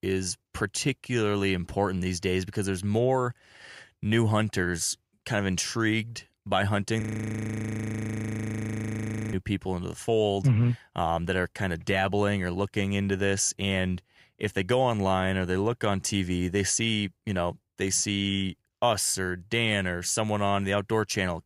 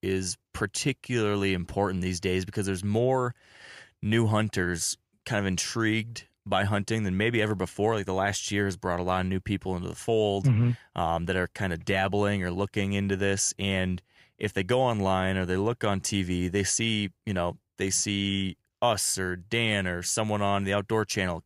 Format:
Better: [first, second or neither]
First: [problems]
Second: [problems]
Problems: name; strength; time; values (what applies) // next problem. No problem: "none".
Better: second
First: audio freezing; at 7 s for 2.5 s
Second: none